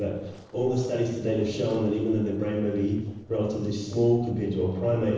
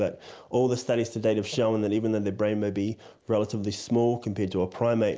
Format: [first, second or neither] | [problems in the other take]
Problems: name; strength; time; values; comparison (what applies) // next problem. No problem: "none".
second | noise reduction (neural separator model SepFormer DNS4)